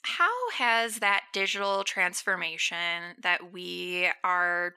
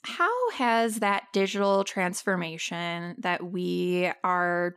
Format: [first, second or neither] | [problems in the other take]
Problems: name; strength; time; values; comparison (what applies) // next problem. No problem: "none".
second | thin; somewhat; fading below 1 kHz